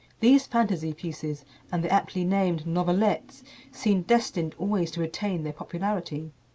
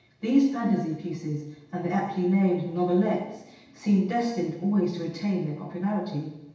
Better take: first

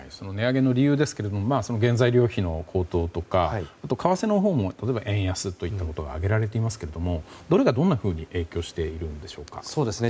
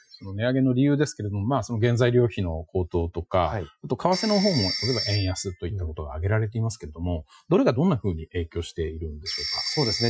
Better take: first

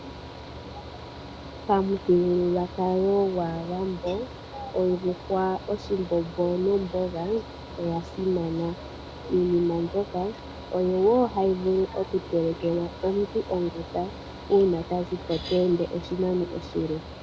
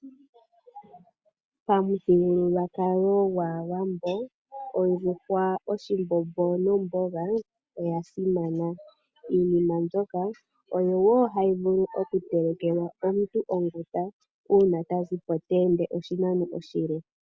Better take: second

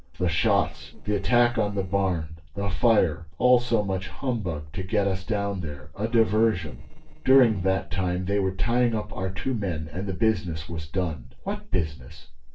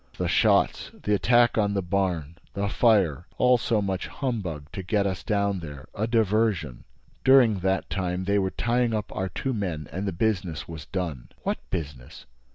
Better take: second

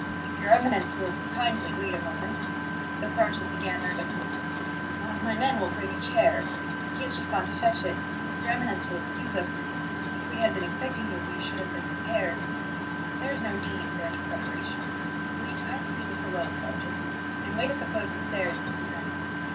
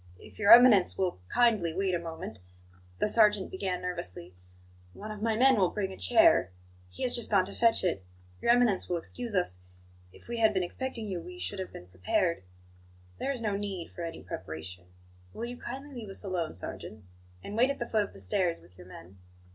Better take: second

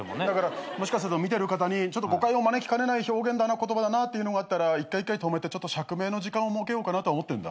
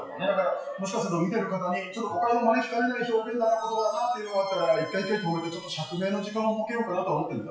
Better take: first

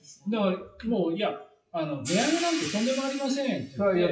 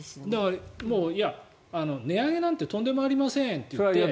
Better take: second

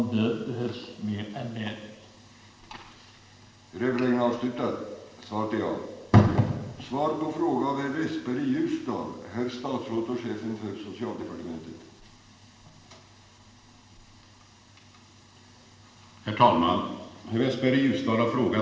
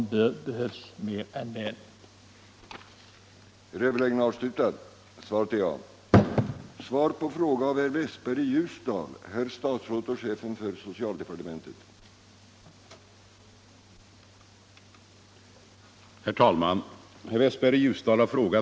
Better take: second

